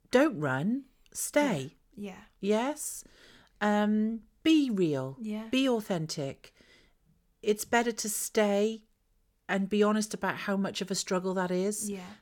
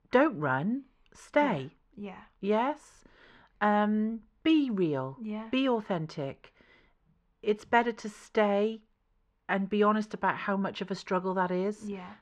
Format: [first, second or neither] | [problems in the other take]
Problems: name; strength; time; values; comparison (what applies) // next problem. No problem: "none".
first | muffled; very; fading above 2.5 kHz